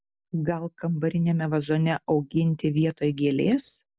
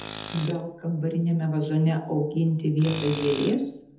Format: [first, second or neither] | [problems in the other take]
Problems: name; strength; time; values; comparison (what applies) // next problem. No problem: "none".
first | background sound (Tools); 15 dB below the speech // room echo; dies away in 0.8 s